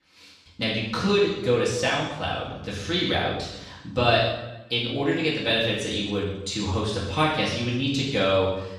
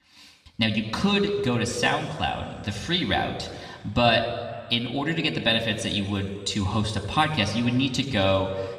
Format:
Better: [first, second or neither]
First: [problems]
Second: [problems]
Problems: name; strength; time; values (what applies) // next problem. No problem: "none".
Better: second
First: room echo; strong; dies away in 0.9 s // off-mic speech; far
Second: room echo; slight; dies away in 1.8 s